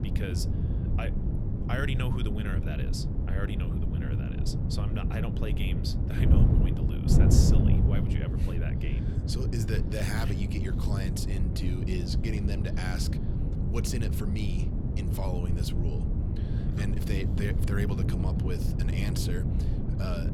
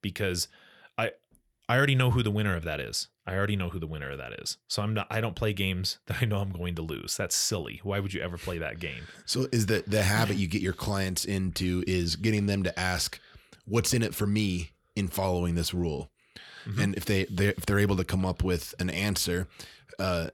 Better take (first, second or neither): second